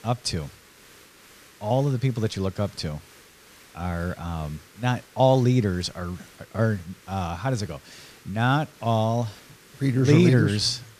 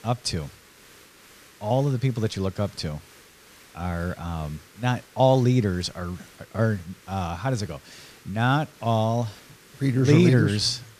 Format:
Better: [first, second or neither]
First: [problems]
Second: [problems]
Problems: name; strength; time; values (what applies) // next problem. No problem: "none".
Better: neither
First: hiss; faint; throughout; 25 dB below the speech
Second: hiss; faint; throughout; 25 dB below the speech